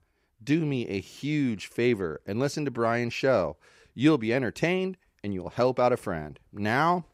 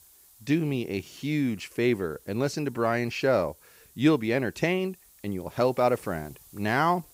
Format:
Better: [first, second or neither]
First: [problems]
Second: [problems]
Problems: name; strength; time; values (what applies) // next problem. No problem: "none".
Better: first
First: none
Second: hiss; faint; throughout; 25 dB below the speech